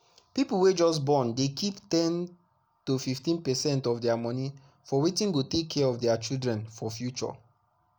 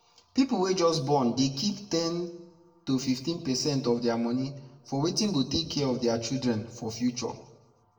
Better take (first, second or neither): first